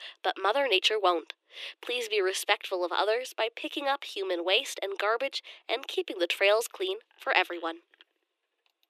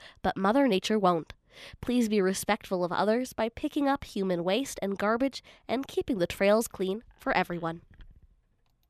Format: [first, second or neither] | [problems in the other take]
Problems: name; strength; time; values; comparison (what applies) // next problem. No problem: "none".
second | thin; very; fading below 350 Hz